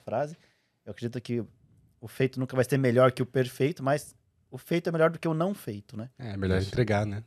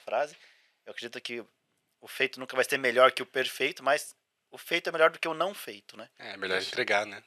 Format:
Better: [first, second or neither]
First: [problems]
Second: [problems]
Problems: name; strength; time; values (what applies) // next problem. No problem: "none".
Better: first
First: none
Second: thin; very; fading below 600 Hz